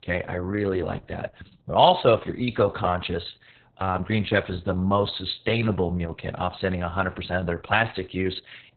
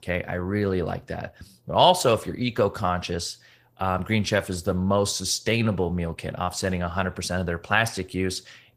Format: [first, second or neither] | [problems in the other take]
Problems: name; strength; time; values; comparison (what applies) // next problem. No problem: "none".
second | garbled, watery; badly; nothing above 4 kHz; slightly in the second